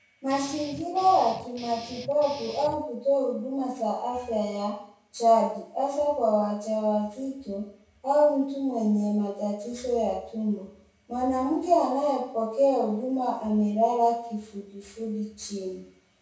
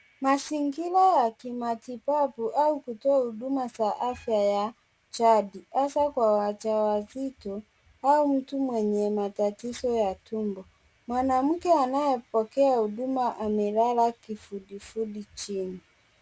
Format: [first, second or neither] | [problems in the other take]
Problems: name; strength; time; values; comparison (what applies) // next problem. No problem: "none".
second | background sound (Guitar); 16 dB below the speech // room echo; dies away in 0.6 s